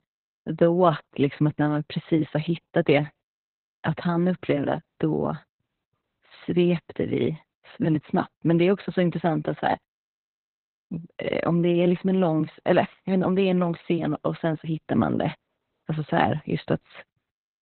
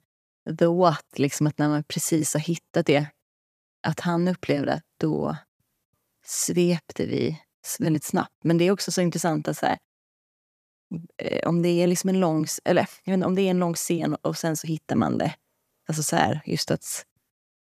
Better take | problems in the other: second | garbled, watery; badly; nothing above 4 kHz

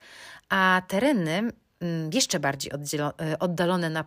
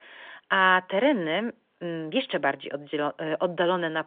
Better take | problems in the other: first | phone-call audio; nothing above 3 kHz

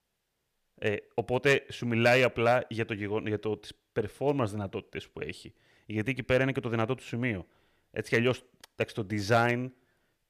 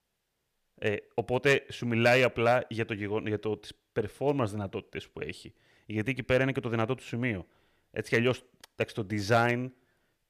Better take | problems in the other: neither | none

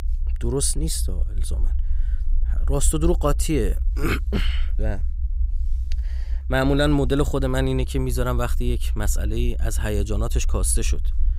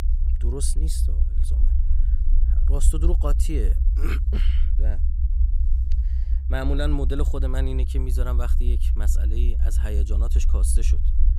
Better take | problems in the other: first | low rumble; loud; throughout; 9 dB below the speech; faint in the first

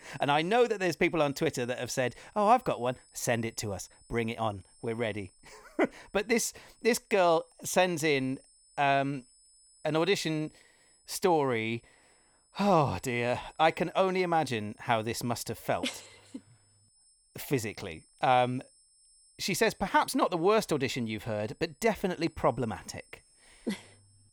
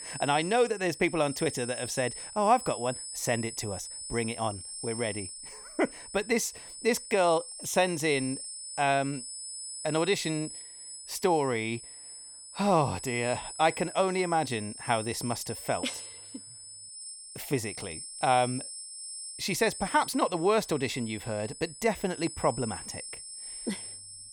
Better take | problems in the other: first | high-pitched whine; loud; throughout; 8 kHz, 10 dB below the speech; faint in the first

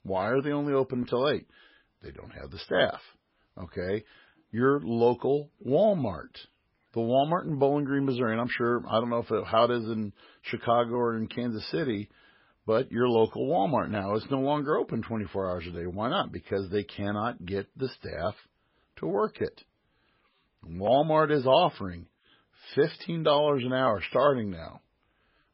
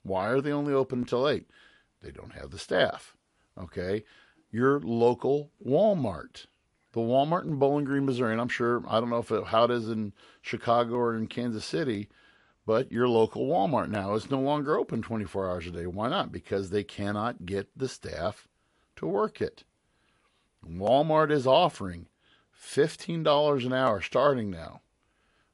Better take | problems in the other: second | garbled, watery; badly; nothing above 5.5 kHz; slightly in the second

